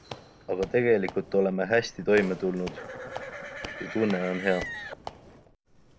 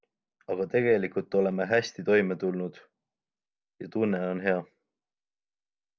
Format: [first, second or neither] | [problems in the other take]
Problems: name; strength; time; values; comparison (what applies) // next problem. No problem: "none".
second | background sound (Squeak / Walk, footsteps + Livestock, farm animals, working animals); 12 dB below the speech